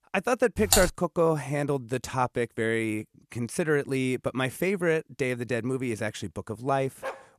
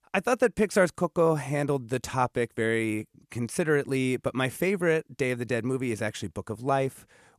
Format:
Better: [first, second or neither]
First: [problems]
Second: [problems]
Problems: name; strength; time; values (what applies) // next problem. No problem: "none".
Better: second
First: keyboard typing; loud; at 0.5 s; peak 4 dB above the speech // dog barking; faint; at 7 s; peak 10 dB below the speech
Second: none